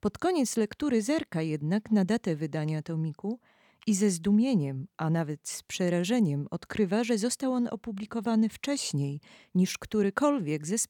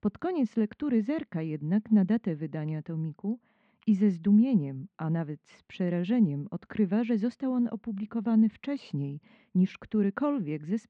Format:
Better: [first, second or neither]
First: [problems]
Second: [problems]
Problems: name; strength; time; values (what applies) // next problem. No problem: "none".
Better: first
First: none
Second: muffled; very; fading above 3 kHz